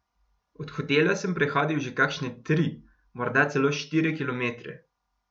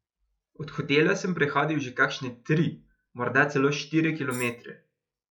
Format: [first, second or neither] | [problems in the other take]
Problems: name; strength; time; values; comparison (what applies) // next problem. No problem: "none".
first | noise reduction (classical method log-MMSE)